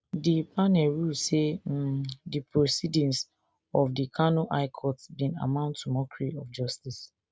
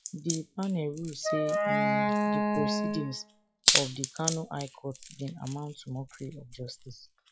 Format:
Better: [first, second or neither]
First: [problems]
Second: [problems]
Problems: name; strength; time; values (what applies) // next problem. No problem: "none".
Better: first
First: none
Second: noise reduction (classical method log-MMSE)